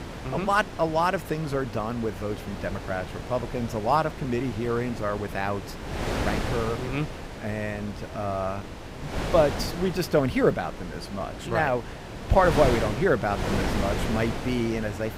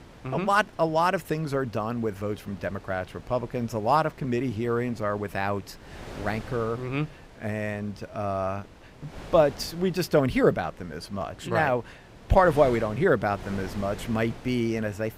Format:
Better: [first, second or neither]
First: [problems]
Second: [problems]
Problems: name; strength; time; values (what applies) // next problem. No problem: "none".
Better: second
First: wind noise on the microphone; heavy; 9 dB below the speech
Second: wind noise on the microphone; occasional gusts; 20 dB below the speech